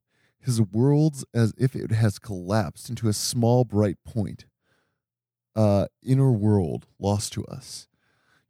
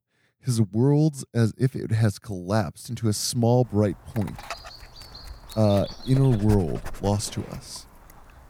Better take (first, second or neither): first